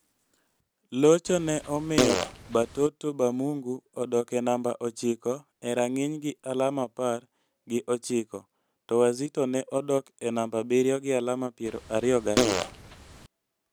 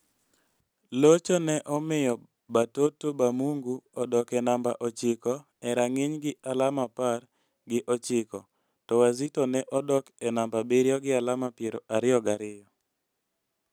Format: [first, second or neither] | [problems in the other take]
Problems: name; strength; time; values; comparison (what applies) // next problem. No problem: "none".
second | background sound (Fart); 2 dB below the speech